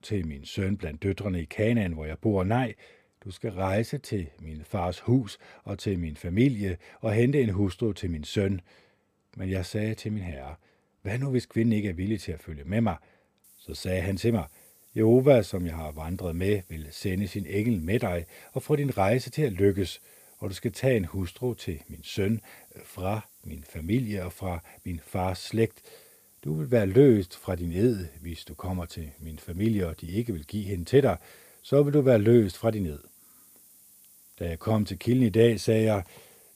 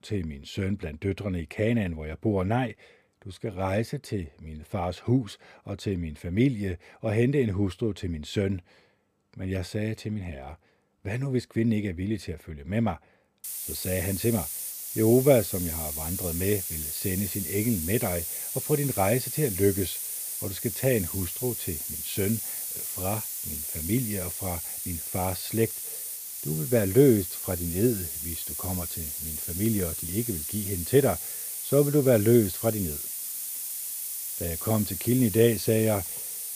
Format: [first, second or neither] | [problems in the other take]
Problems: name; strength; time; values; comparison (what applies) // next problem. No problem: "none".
first | hiss; loud; from 13 s on; 4 dB below the speech; faint in the first